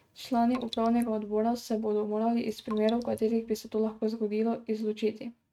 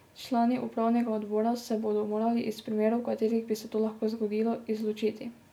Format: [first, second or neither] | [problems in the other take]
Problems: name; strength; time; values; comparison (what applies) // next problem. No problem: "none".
second | noise reduction (neural mask model RNNoise)